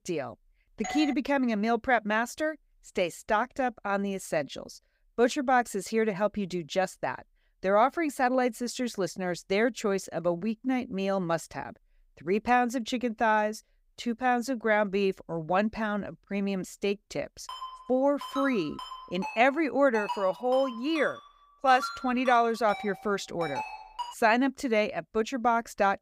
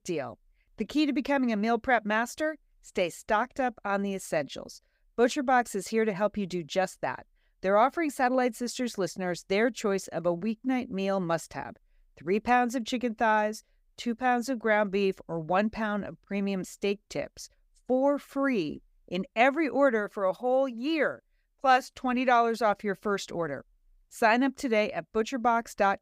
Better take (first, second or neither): second